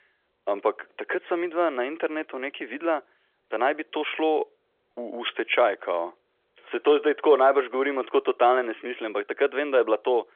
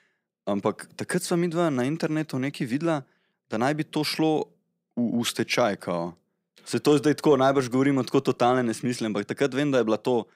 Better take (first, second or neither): second